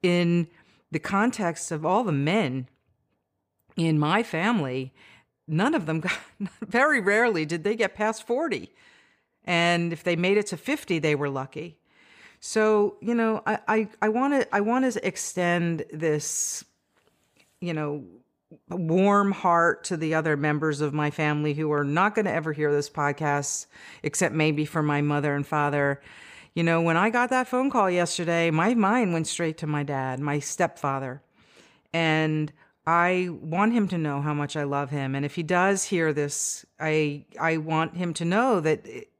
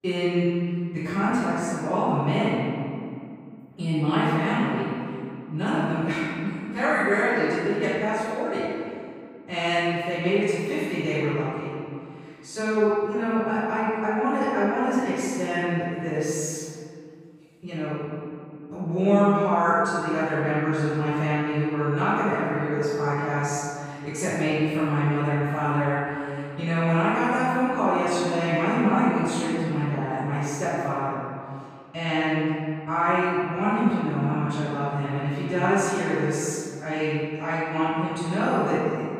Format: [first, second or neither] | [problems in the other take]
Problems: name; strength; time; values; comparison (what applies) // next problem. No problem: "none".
first | off-mic speech; far // room echo; strong; dies away in 2.2 s